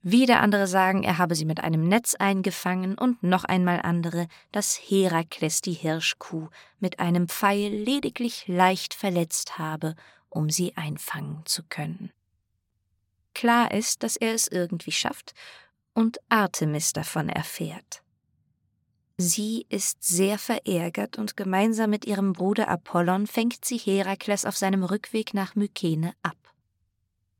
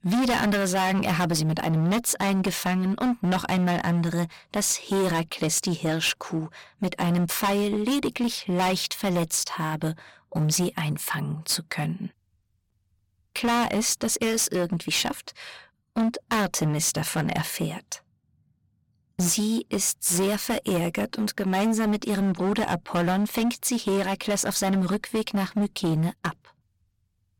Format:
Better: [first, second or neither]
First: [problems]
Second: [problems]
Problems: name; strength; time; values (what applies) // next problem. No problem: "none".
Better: first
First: none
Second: distortion; heavy; 16% of the sound clipped